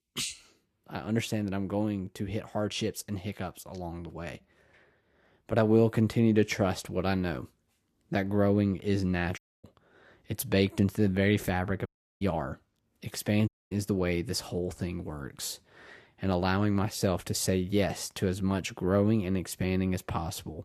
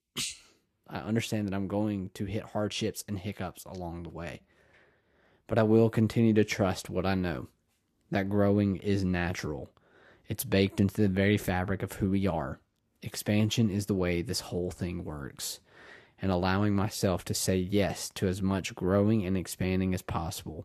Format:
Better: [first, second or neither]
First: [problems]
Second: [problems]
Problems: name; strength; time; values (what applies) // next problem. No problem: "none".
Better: second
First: audio cutting out; at 9.5 s, at 12 s and at 13 s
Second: none